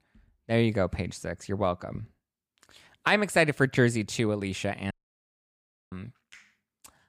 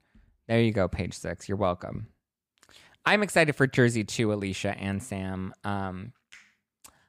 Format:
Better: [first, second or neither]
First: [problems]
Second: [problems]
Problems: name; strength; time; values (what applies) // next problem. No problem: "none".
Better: second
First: audio cutting out; at 5 s for 1 s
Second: none